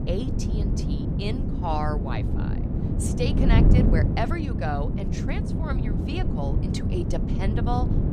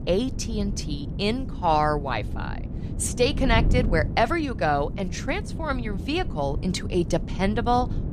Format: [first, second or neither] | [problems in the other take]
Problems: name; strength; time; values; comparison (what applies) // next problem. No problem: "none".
second | wind noise on the microphone; heavy; 2 dB below the speech; occasional gusts in the second